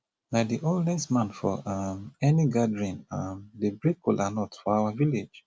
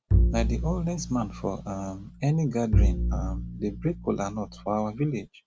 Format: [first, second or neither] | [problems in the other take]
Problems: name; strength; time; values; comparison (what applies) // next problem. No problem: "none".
first | background sound (Bowed string instrument); 2 dB above the speech